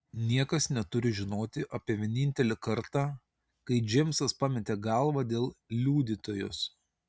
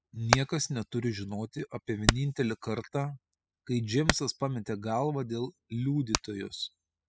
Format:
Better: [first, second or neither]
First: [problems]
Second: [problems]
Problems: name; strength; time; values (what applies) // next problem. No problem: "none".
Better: first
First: none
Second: noise reduction (classical method spectral subtraction)